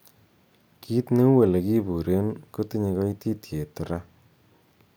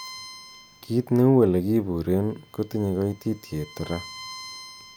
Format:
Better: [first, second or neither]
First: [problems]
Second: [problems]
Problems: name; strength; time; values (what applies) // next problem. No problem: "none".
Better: first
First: none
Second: background sound (Bowed string instrument); 19 dB below the speech